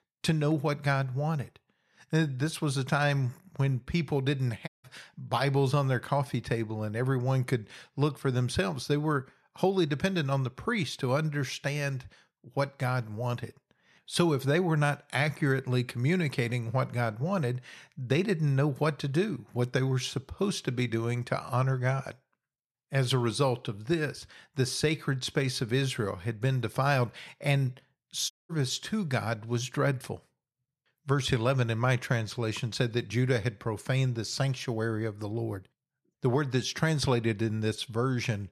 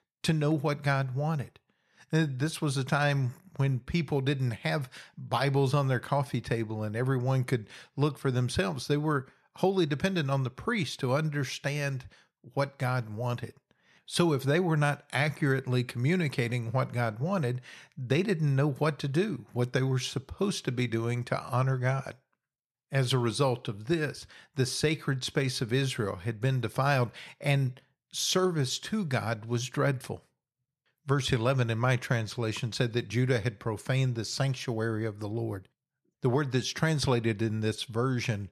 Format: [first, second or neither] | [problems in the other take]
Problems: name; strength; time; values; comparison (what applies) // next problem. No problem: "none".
second | audio cutting out; at 4.5 s and at 28 s